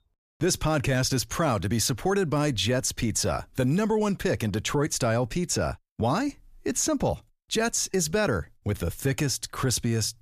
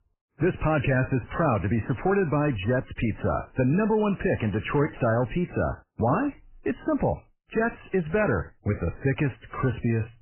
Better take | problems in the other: first | garbled, watery; badly; nothing above 3 kHz

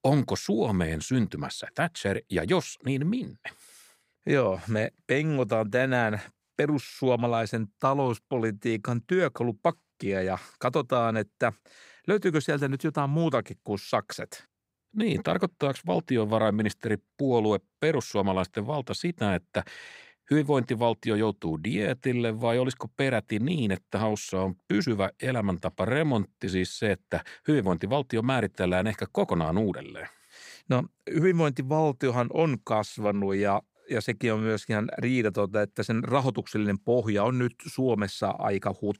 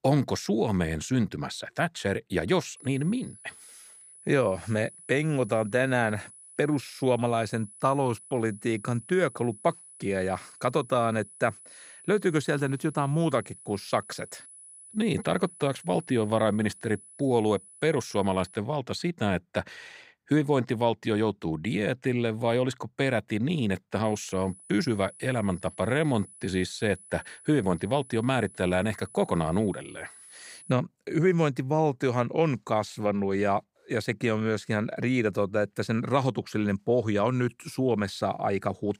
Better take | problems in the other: first | high-pitched whine; noticeable; from 3 to 19 s and from 24 to 31 s; 10 kHz, 20 dB below the speech

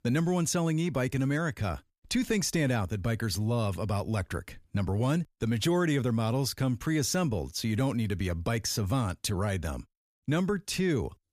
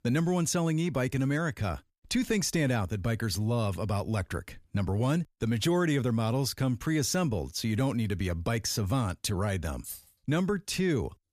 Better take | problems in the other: first | jangling keys; faint; at 10 s; peak 10 dB below the speech

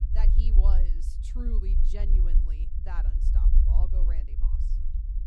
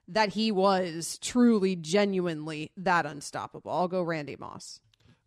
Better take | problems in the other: second | low rumble; loud; throughout; 2 dB below the speech

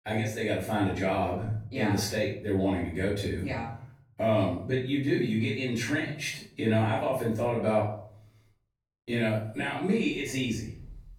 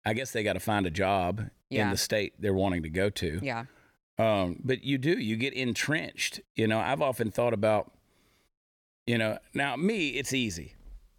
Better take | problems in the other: second | off-mic speech; far // room echo; noticeable; dies away in 0.6 s

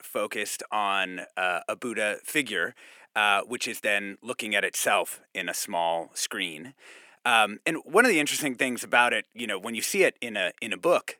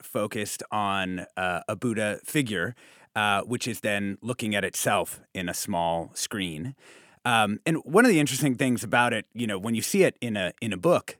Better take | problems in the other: second | thin; somewhat; fading below 350 Hz

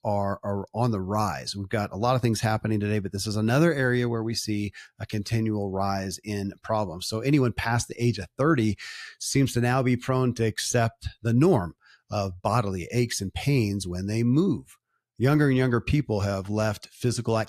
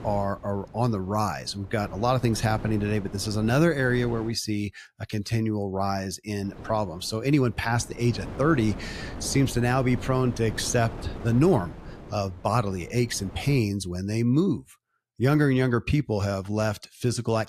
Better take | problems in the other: first | wind noise on the microphone; occasional gusts; until 4.5 s and from 6.5 to 14 s; 15 dB below the speech

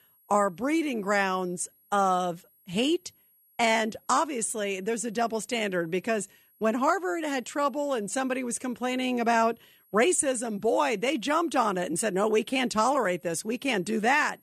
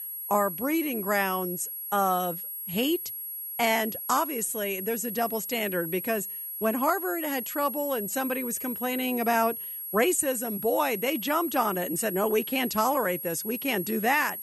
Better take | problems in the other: first | high-pitched whine; loud; throughout; 11.5 kHz, 6 dB below the speech; faint in the first

